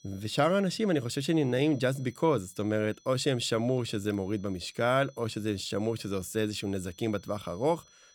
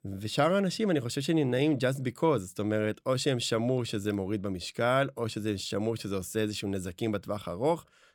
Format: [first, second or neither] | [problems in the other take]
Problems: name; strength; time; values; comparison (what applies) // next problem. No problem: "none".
second | high-pitched whine; faint; throughout; 6 kHz, 30 dB below the speech